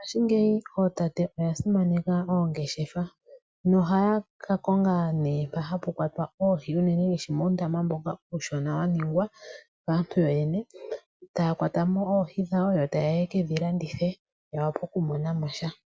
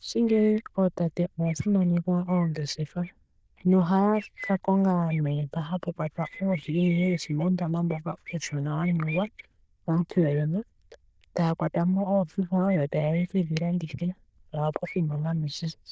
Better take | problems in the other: first | noise reduction (neural diffusion model UNIVERSE++)

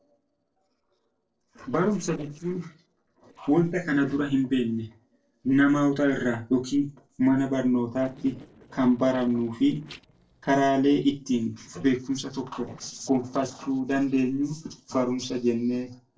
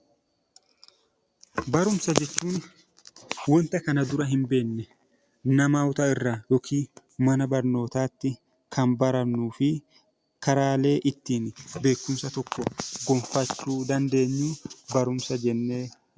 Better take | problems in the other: second | noise reduction (neural separator model SepFormer DNS4)

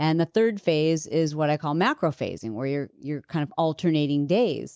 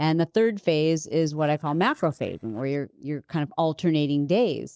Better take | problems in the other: first | noise reduction (neural separator model SepFormer DNS4)

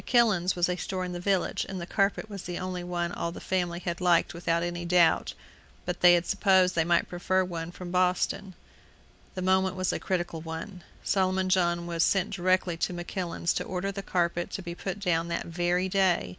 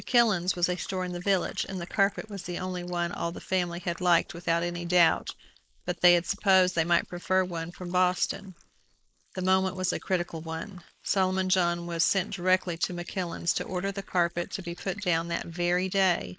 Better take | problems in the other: first | noise reduction (neural mask model Resemble Enhance denoiser)

